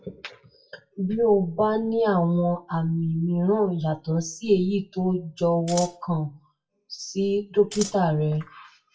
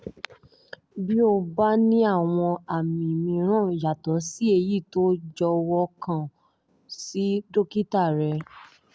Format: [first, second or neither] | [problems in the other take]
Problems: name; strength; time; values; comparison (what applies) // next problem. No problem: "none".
second | noise reduction (classical method WPE with log-MMSE)